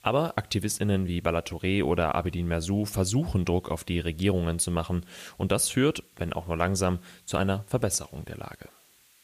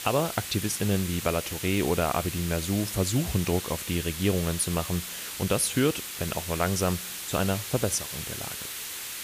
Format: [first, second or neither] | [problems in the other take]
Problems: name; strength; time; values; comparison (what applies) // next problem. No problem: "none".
first | hiss; loud; throughout; 6 dB below the speech; faint in the first